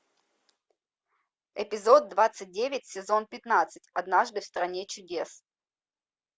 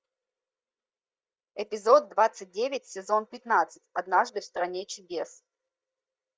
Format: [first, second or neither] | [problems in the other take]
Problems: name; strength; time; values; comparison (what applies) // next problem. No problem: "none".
first | noise reduction (neural mask model DeepFilterNet 3)